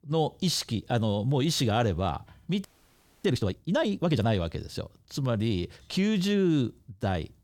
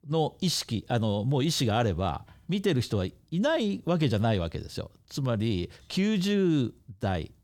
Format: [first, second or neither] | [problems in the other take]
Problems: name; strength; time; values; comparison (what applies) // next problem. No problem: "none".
second | audio freezing; at 2.5 s for 0.5 s